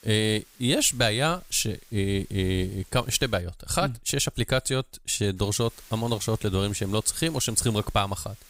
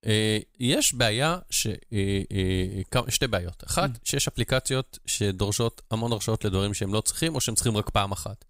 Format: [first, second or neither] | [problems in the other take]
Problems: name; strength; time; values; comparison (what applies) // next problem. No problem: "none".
second | hiss; faint; until 3.5 s and from 5.5 s on; 25 dB below the speech